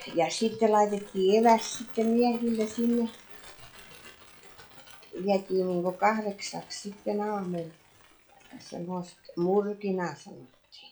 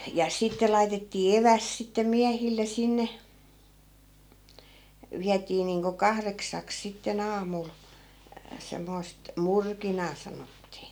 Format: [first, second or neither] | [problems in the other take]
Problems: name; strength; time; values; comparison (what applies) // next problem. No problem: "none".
second | noise reduction (classical method log-MMSE)